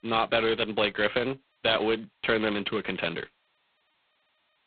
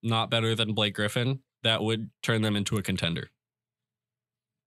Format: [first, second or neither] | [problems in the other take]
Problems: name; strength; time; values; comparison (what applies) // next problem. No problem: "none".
second | phone-call audio; poor line; nothing above 3.5 kHz